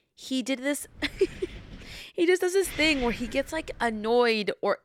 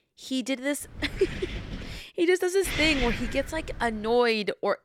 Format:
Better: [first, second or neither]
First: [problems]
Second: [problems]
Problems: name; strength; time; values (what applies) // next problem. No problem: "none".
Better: first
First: wind noise on the microphone; occasional gusts; from 1 to 2 s and from 2.5 to 4 s; 15 dB below the speech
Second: wind noise on the microphone; heavy; from 1 to 2 s and from 2.5 to 4 s; 8 dB below the speech